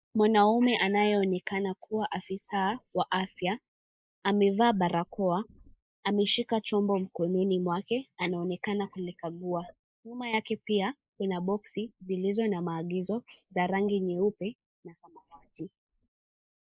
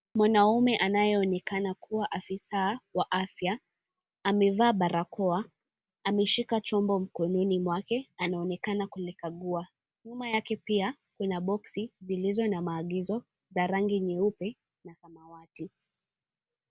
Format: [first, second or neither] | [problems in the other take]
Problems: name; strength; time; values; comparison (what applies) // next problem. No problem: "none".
second | noise reduction (neural mask model Resemble Enhance denoiser)